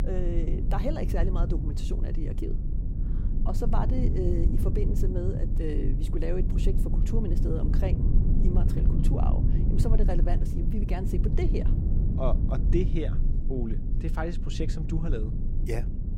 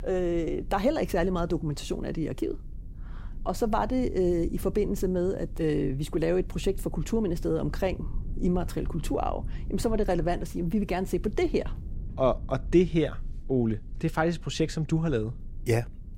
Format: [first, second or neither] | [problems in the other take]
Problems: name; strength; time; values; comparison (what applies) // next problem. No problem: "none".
second | low rumble; loud; throughout; 5 dB below the speech; faint in the second